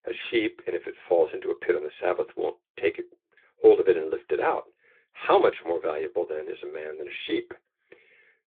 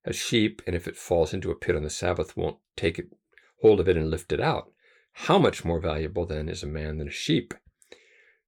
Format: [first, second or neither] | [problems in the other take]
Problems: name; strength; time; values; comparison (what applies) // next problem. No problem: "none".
second | phone-call audio; nothing above 3.5 kHz